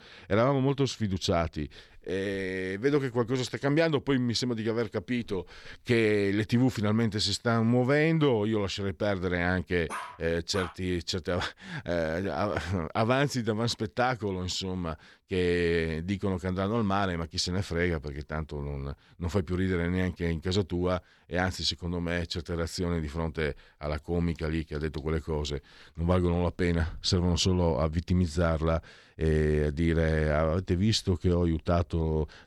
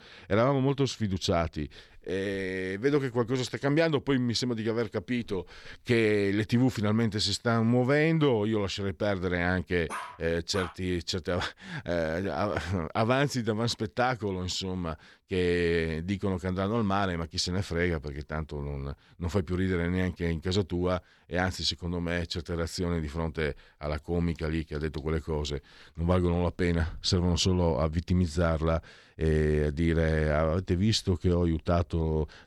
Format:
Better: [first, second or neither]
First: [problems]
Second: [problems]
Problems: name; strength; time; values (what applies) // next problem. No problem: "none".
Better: neither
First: dog barking; noticeable; at 10 s; peak 10 dB below the speech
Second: dog barking; noticeable; at 10 s; peak 10 dB below the speech